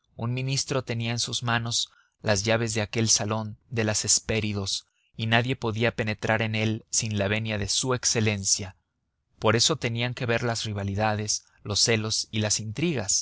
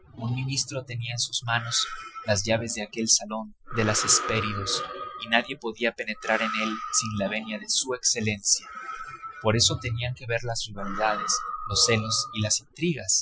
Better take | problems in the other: first | noise reduction (classical method Wiener filter)

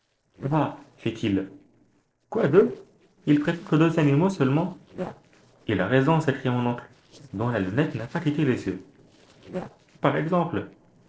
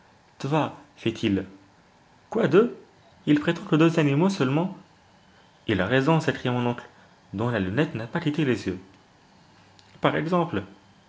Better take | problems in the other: second | noise reduction (neural separator model SepFormer DNS4)

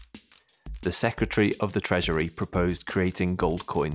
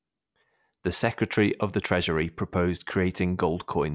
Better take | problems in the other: second | background sound (Drum kit); 15 dB below the speech

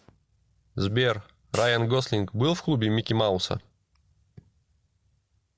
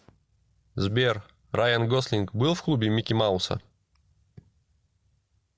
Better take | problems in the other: second | background sound (Hi-hat); 16 dB below the speech

